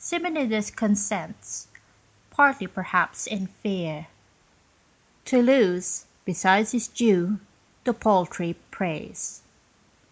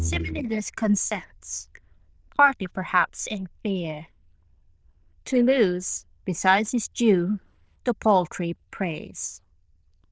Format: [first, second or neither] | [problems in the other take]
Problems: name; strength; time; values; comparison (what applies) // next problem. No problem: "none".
first | noise reduction (neural diffusion model UNIVERSE++)